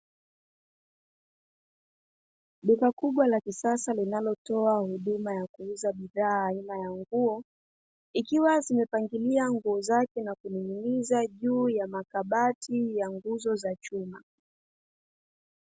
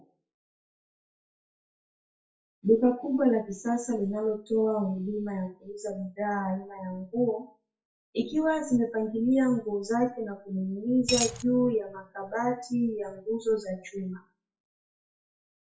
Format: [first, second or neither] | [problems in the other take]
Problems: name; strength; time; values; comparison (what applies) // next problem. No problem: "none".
first | noise reduction (classical method WPE with log-MMSE)